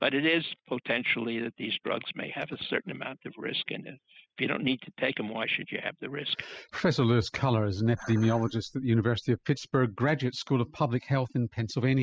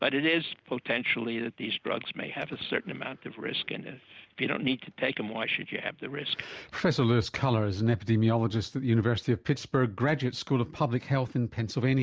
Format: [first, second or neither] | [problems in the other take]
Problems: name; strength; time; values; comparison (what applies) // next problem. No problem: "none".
second | noise reduction (classical method spectral subtraction)